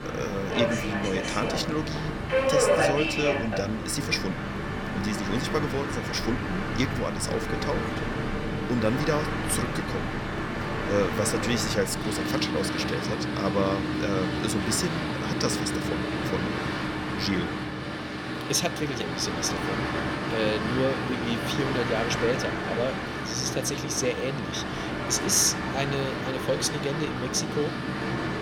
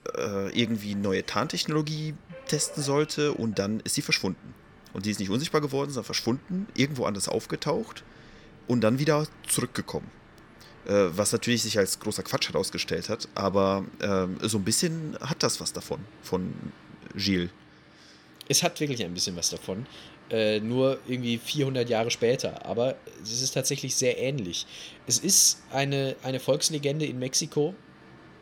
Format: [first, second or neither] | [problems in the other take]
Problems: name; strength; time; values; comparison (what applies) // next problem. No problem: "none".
second | train or aircraft noise; loud; throughout; as loud as the speech; faint in the second